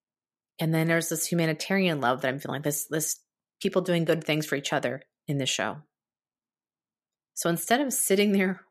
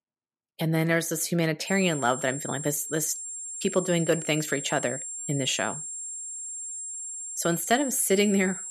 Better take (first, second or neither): first